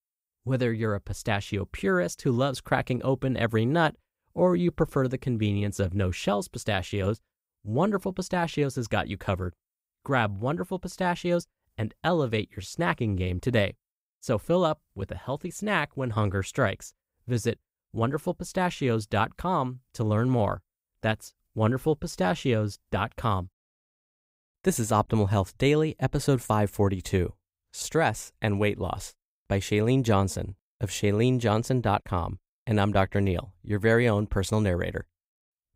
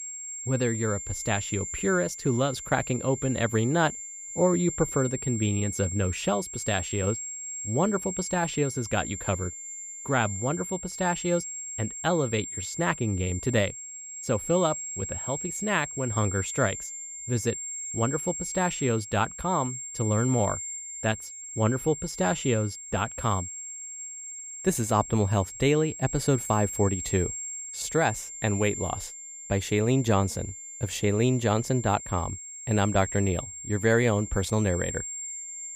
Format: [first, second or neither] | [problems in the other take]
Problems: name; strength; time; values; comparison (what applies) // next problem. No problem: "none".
first | high-pitched whine; loud; throughout; 7.5 kHz, 7 dB below the speech